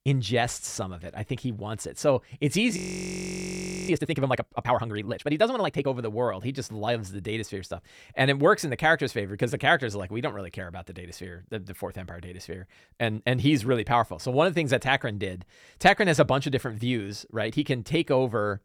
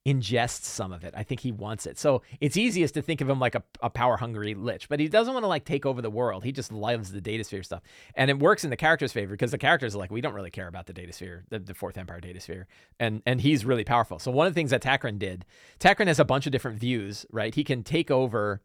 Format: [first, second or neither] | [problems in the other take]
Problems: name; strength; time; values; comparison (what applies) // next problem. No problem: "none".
second | audio freezing; at 3 s for 1 s